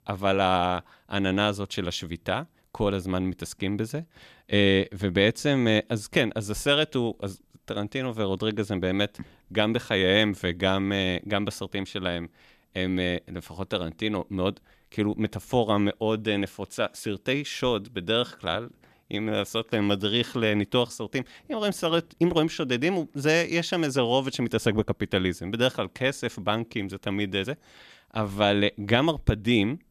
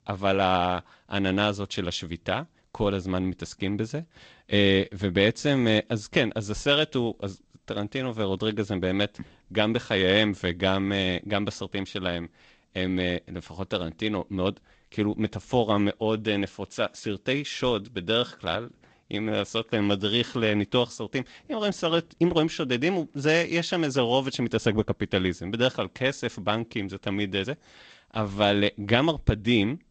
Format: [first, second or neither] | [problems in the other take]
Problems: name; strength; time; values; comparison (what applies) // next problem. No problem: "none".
first | garbled, watery; slightly; nothing above 7.5 kHz